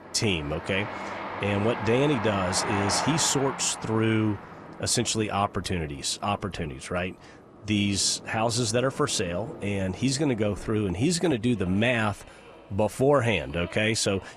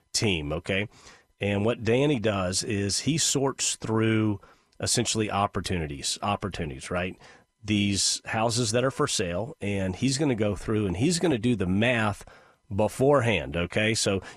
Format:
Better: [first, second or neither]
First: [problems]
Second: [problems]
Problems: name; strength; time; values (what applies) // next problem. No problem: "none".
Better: second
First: train or aircraft noise; noticeable; throughout; 10 dB below the speech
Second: none